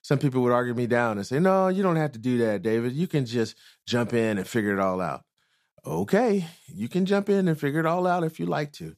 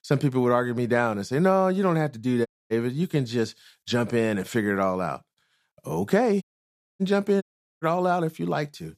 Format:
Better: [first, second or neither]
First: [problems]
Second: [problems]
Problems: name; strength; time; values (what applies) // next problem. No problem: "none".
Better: first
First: none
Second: audio cutting out; at 2.5 s, at 6.5 s for 0.5 s and at 7.5 s